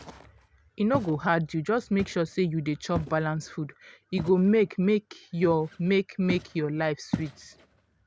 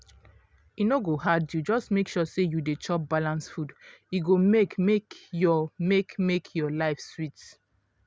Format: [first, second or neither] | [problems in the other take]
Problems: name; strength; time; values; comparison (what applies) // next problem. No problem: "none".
second | background sound (Walk, footsteps); 14 dB below the speech